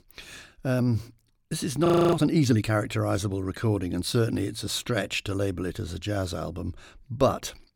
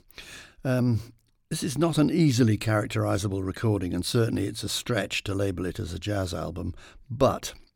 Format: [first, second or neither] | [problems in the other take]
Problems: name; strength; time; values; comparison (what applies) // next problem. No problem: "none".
second | audio freezing; at 2 s